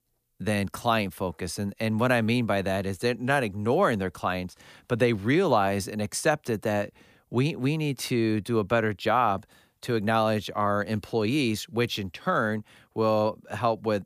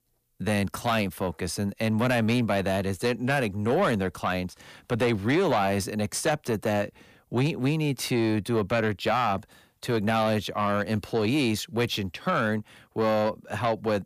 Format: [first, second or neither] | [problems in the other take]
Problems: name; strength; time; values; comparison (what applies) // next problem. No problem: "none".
first | distortion; slight; 10 dB below the speech